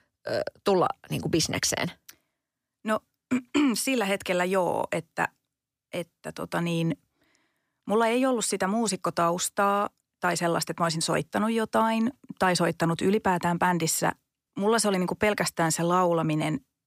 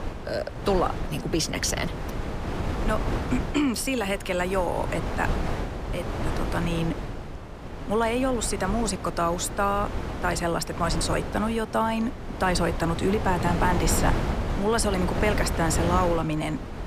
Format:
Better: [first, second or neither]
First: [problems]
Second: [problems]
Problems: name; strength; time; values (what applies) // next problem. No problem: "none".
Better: first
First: none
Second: wind noise on the microphone; heavy; 7 dB below the speech